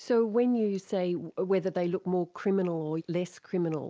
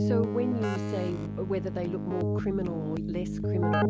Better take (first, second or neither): first